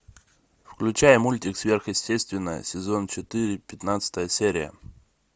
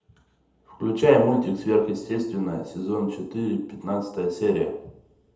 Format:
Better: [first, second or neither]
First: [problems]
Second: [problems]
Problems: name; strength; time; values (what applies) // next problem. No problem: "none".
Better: first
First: none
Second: room echo; dies away in 0.7 s